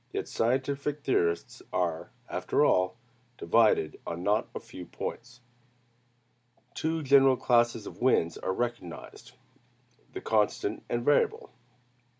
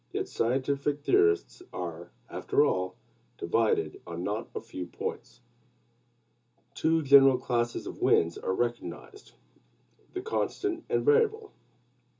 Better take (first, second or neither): first